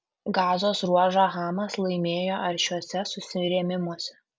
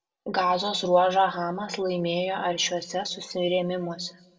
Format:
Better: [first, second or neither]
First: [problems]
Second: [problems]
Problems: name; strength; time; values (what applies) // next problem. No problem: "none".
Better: first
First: none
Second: room echo; dies away in 0.8 s